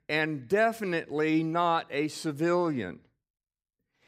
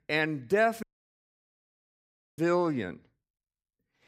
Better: first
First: none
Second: audio cutting out; at 1 s for 1.5 s

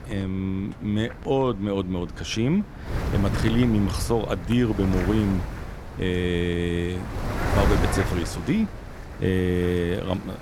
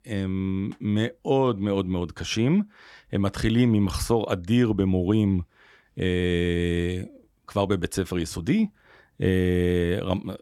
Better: second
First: wind noise on the microphone; heavy; 6 dB below the speech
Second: none

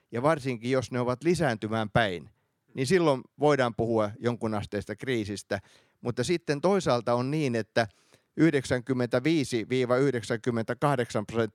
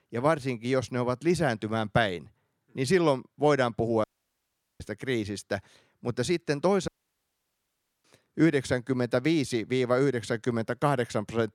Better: first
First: none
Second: audio cutting out; at 4 s for 1 s and at 7 s for 1 s

